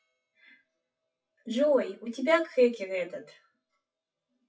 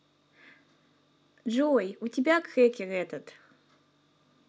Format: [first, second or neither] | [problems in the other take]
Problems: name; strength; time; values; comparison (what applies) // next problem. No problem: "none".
second | noise reduction (classical method WPE with log-MMSE)